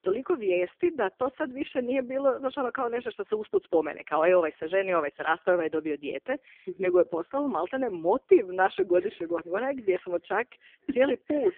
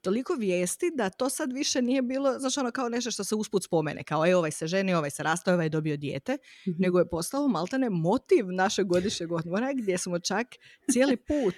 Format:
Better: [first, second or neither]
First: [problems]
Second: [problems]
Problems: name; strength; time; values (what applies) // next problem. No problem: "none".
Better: second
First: phone-call audio; poor line; nothing above 3.5 kHz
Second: none